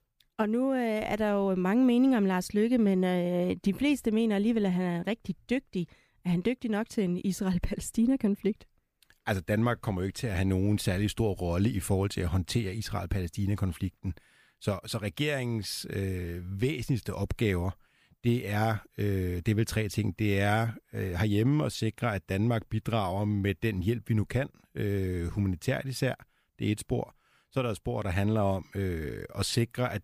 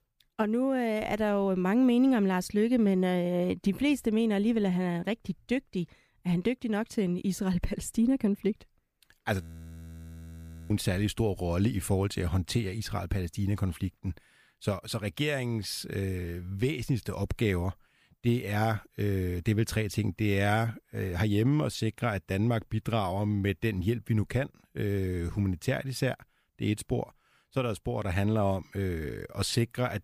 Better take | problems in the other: first | audio freezing; at 9.5 s for 1.5 s

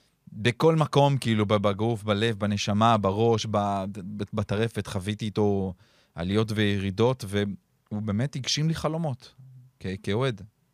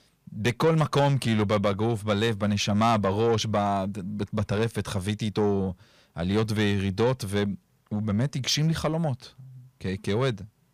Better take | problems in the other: first | distortion; slight; 10 dB below the speech

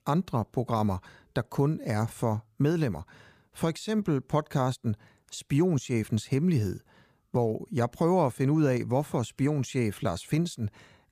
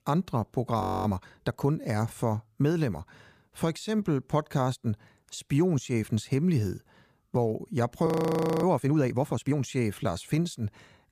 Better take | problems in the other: first | audio freezing; at 1 s and at 8 s for 0.5 s

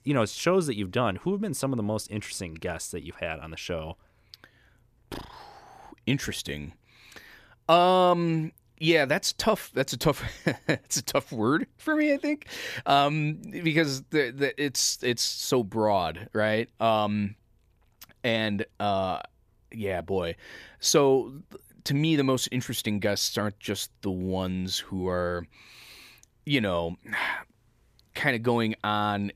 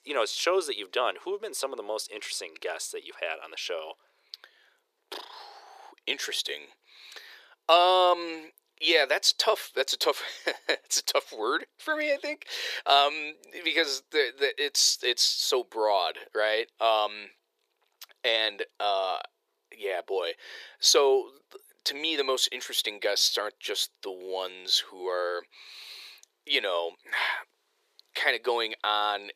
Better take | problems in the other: first | thin; very; fading below 400 Hz

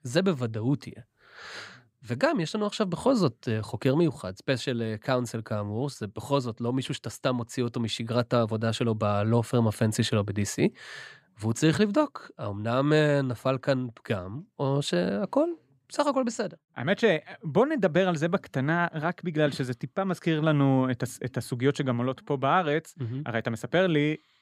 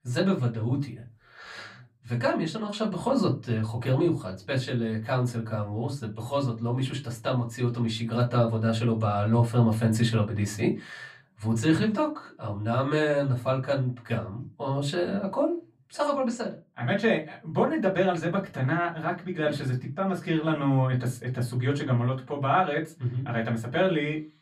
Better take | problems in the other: first | off-mic speech; far // room echo; very slight; dies away in 0.2 s

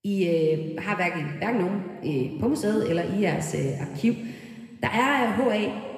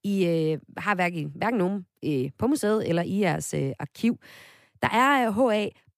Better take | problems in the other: second | room echo; noticeable; dies away in 2 s

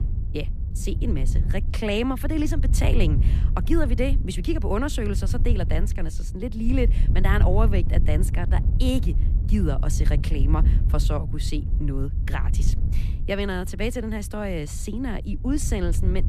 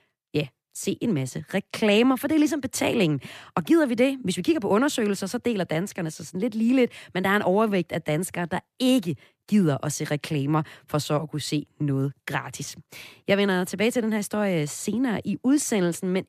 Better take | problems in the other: second | wind noise on the microphone; occasional gusts; 10 dB below the speech

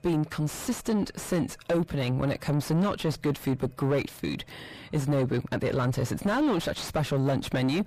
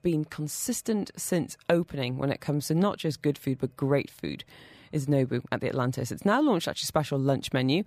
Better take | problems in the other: second | distortion; heavy; 5 dB below the speech

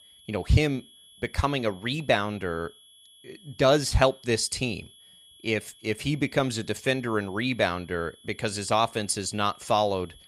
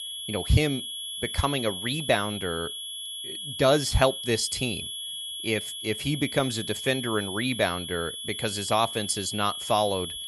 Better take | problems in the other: first | high-pitched whine; loud; throughout; 3.5 kHz, 6 dB below the speech; faint in the first

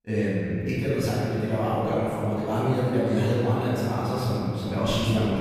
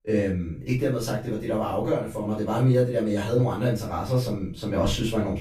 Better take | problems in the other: second | room echo; strong; dies away in 2.7 s; slight in the second // off-mic speech; far; far in the second

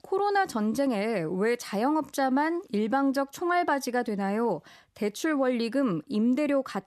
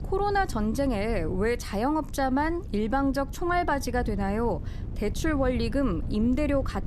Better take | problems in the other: first | wind noise on the microphone; occasional gusts; 20 dB below the speech

